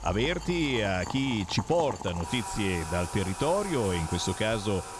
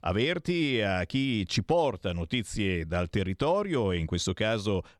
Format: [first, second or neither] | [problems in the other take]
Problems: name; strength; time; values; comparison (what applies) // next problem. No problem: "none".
second | household noises; loud; throughout; 9 dB below the speech